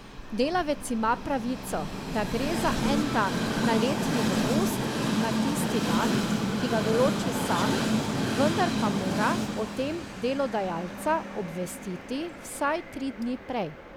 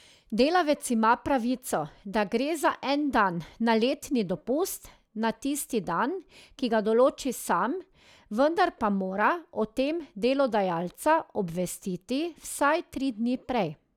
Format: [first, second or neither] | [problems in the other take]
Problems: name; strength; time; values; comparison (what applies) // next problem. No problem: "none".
second | background sound (Train); 1 dB above the speech